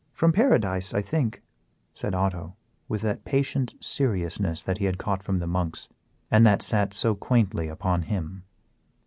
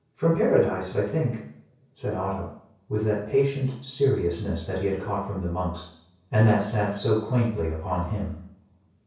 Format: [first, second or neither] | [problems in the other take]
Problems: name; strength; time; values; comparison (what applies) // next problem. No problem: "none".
first | room echo; dies away in 0.6 s